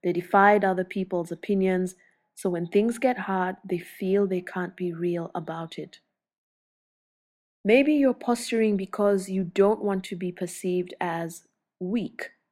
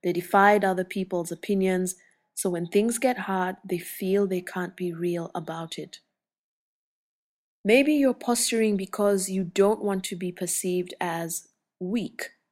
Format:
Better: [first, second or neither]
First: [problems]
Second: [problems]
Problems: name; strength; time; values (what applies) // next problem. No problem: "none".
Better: second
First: muffled; slightly; fading above 4 kHz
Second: none